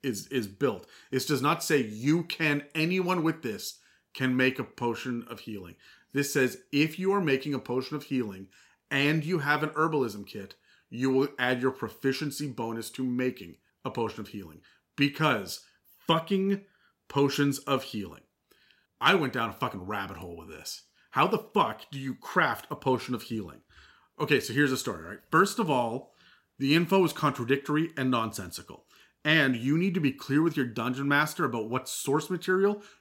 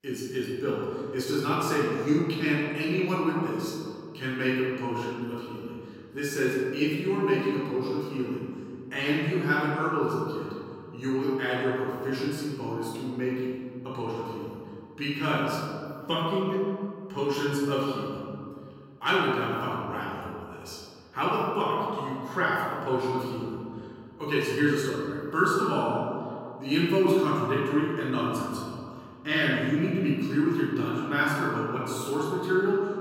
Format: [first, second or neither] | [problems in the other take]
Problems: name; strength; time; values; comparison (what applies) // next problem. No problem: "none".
first | room echo; strong; dies away in 2.1 s // off-mic speech; far